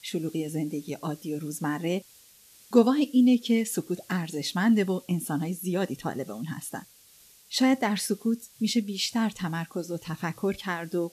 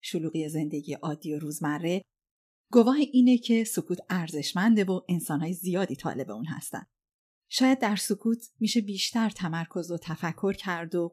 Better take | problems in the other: second | hiss; faint; throughout; 25 dB below the speech

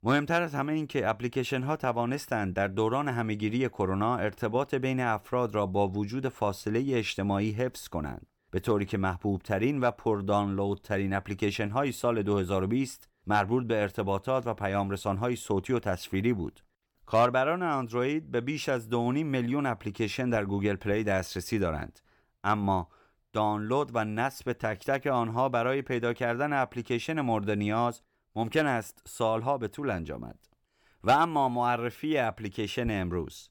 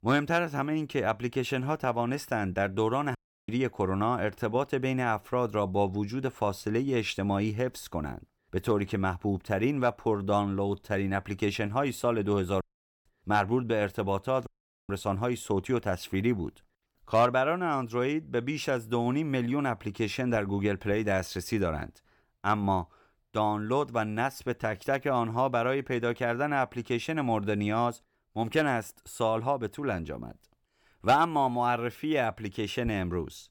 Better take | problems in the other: first | audio cutting out; at 3 s, at 13 s and at 14 s

